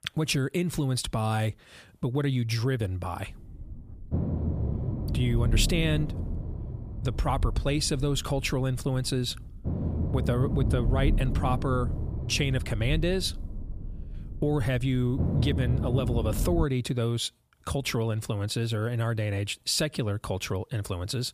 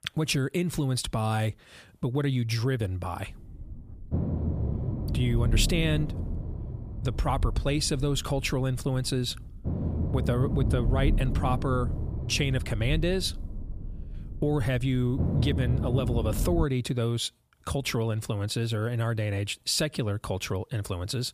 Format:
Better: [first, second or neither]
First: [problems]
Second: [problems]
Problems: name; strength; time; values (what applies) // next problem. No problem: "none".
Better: neither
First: low rumble; loud; from 3.5 to 17 s; 10 dB below the speech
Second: low rumble; loud; from 3.5 to 17 s; 10 dB below the speech